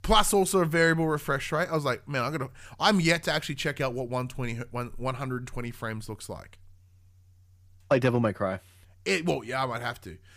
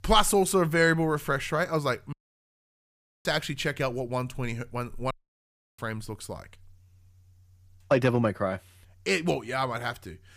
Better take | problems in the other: first | audio cutting out; at 2 s for 1 s and at 5 s for 0.5 s

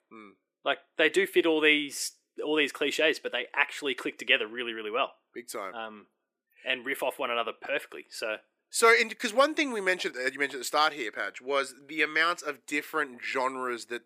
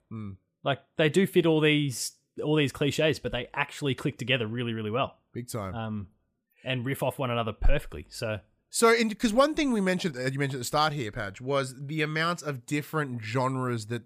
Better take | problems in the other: second | thin; somewhat; fading below 350 Hz

